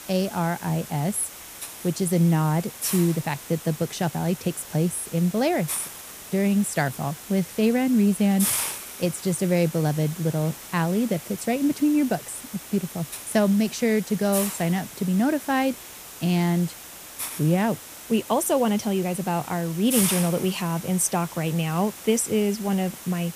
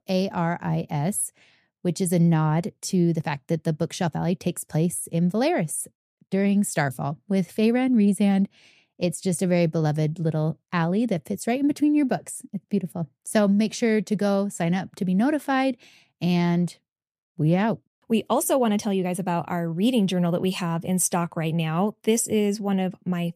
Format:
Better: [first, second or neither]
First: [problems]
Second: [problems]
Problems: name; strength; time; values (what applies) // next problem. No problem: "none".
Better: second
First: hiss; loud; throughout; 9 dB below the speech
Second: none